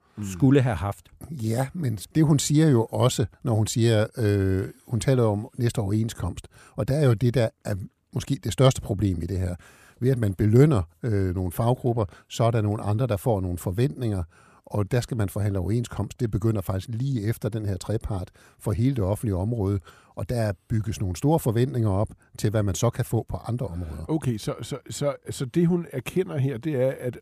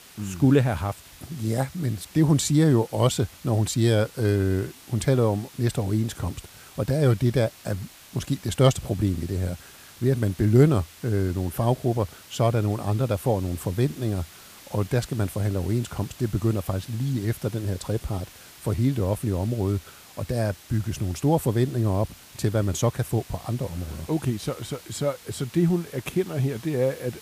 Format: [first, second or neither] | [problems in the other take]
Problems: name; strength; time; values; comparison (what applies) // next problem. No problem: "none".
first | hiss; faint; throughout; 20 dB below the speech